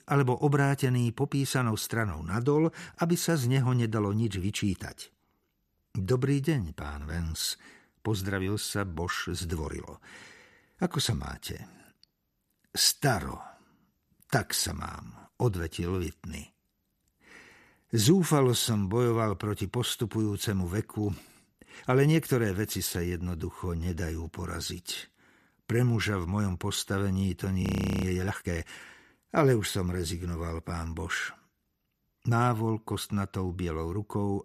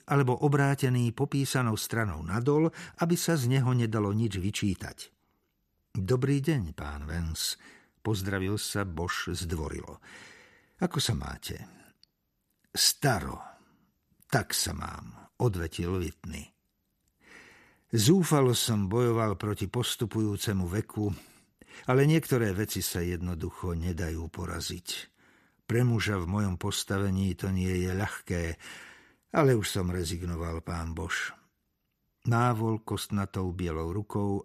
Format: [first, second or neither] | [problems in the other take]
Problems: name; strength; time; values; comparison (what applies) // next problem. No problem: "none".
second | audio freezing; at 28 s